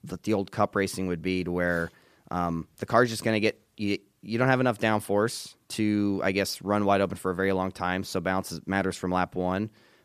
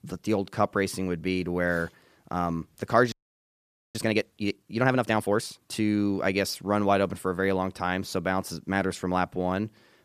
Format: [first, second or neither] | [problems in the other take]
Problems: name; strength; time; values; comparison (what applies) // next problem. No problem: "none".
first | audio freezing; at 3 s for 1 s